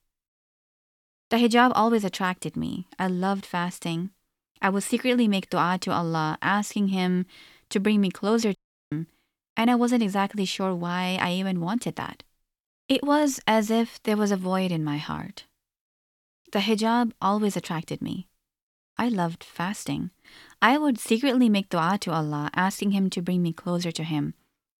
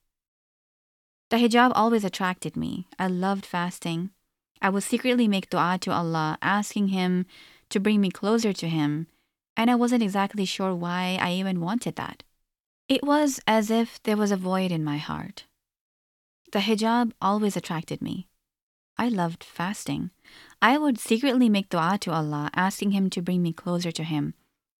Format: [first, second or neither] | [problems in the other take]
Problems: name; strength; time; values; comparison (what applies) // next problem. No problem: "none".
second | audio cutting out; at 8.5 s